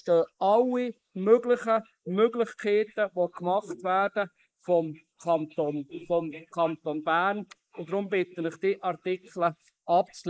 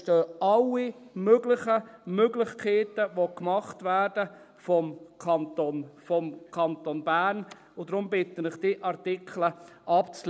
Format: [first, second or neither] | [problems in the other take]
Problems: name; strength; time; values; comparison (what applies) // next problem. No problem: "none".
second | noise reduction (neural mask model Resemble Enhance denoiser)